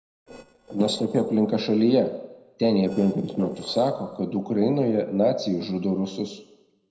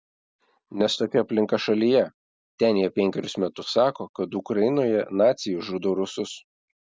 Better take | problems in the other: second | noise reduction (neural separator model SepFormer DNS4)

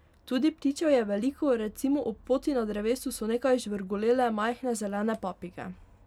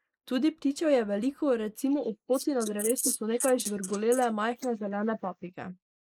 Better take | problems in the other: first | noise reduction (neural mask model Resemble Enhance denoiser)

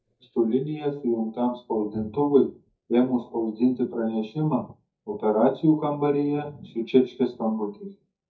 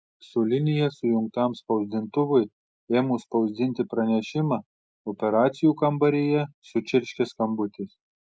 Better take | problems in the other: second | noise reduction (neural mask model DeepFilterNet 3)

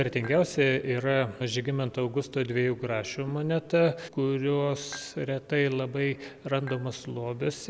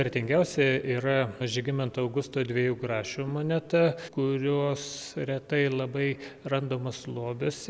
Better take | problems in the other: second | background sound (Dishes, pots, and pans / Chink, clink); 19 dB below the speech

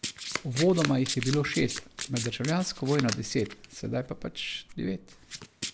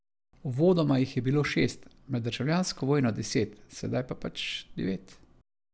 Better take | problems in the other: second | background sound (Domestic sounds, home sounds); 9 dB below the speech

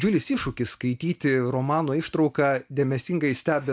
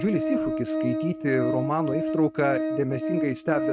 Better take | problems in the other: first | noise reduction (neural mask model RNNoise)

